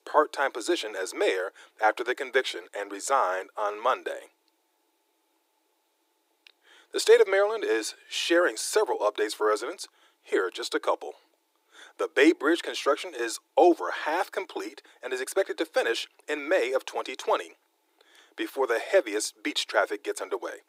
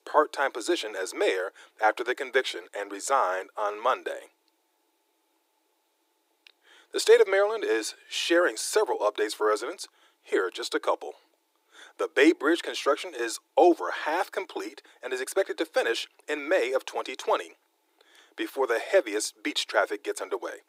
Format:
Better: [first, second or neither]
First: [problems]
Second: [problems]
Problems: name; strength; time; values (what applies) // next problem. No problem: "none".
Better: neither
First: thin; very; fading below 300 Hz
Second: thin; very; fading below 300 Hz